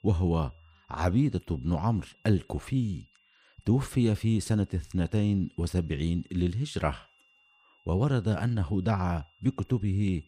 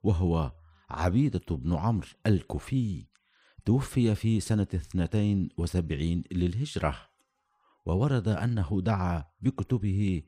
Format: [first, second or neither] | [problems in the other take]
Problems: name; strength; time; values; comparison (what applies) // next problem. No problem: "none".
second | high-pitched whine; faint; throughout; 3 kHz, 35 dB below the speech